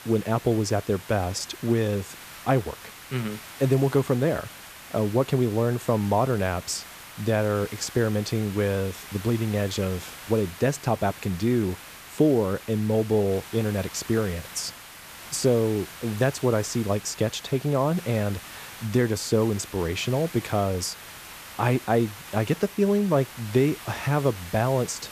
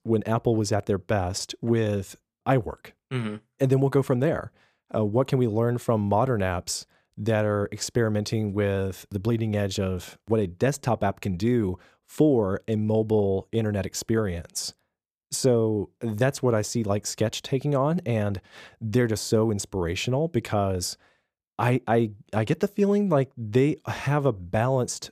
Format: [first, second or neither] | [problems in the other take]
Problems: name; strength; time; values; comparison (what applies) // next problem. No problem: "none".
second | hiss; noticeable; throughout; 15 dB below the speech